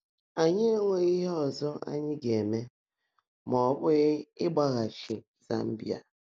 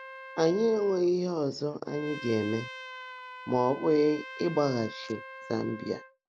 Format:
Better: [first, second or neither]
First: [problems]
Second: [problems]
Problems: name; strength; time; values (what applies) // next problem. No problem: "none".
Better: first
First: none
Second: background sound (Trumpet); 15 dB below the speech